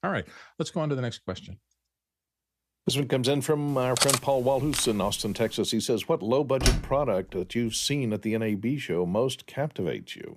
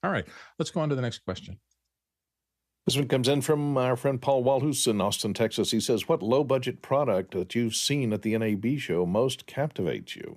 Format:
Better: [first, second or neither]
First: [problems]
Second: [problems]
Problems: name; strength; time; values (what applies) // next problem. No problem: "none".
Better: second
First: clattering dishes; loud; from 4 to 5 s; peak 4 dB above the speech // door banging; loud; at 6.5 s; peak 1 dB above the speech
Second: none